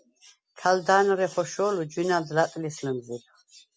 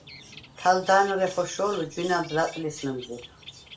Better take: first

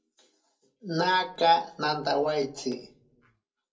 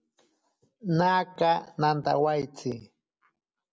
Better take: second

